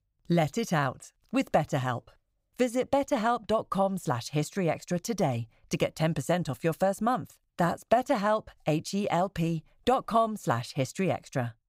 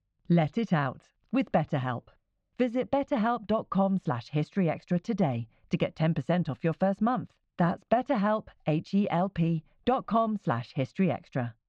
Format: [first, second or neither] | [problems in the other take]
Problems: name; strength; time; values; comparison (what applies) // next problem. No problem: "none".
first | muffled; slightly; fading above 3.5 kHz